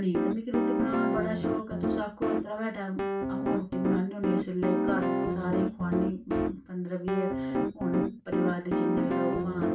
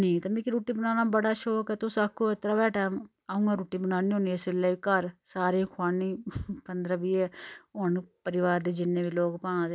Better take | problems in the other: second | background sound (Piano); 3 dB above the speech // room echo; dies away in 0.2 s

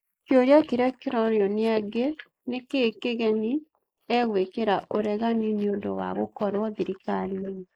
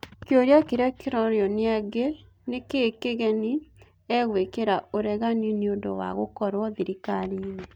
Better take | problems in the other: second | noise reduction (neural mask model Resemble Enhance denoiser)

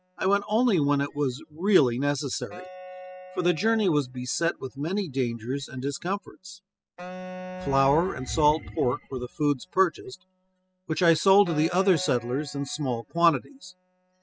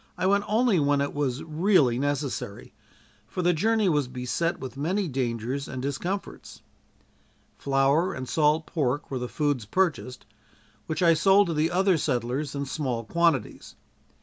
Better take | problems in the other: second | noise reduction (classical method spectral subtraction)

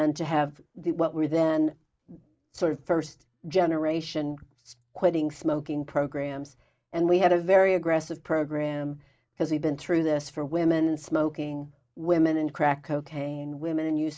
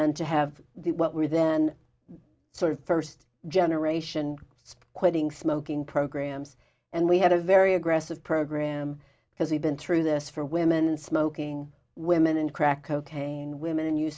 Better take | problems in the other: second | noise reduction (neural mask model Resemble Enhance denoiser)

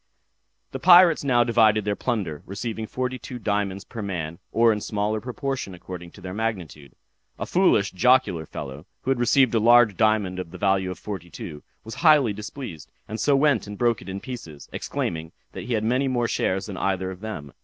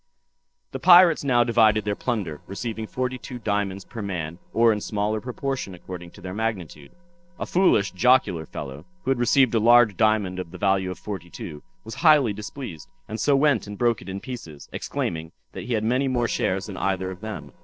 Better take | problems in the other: first | noise reduction (neural separator model SepFormer DNS4)

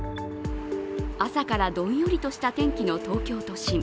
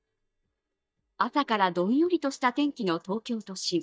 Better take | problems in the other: first | noise reduction (neural mask model DeepFilterNet 3)

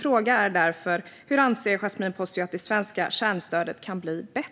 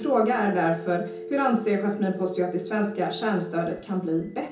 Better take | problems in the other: first | background sound (Telephone); 13 dB below the speech // room echo; dies away in 0.6 s

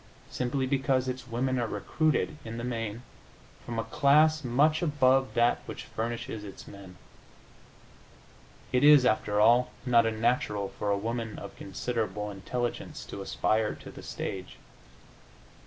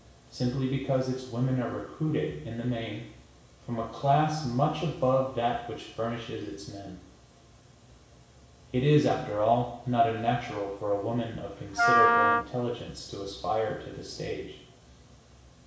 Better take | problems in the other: first | background sound (Wind instrument, woodwind instrument); 4 dB above the speech // room echo; dies away in 0.7 s

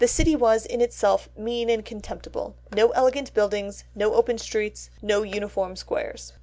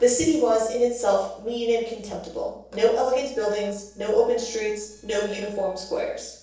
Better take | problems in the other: first | noise reduction (neural separator model SepFormer DNS4)

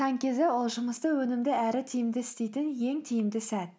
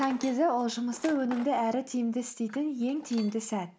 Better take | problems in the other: first | background sound (Tools); 19 dB below the speech

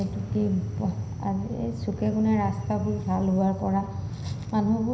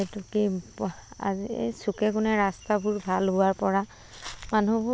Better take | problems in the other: second | background sound (Train); 6 dB below the speech // room echo; dies away in 0.9 s

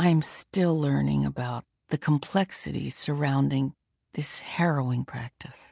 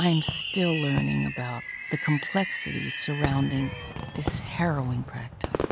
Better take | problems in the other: first | background sound (Fireworks); 5 dB below the speech

